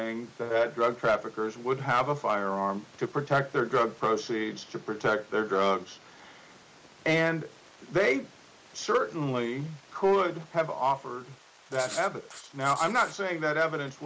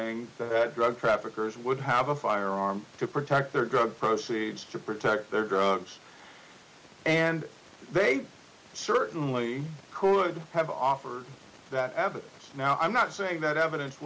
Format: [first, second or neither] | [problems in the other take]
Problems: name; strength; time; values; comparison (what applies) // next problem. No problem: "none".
second | noise reduction (neural mask model Resemble Enhance denoiser)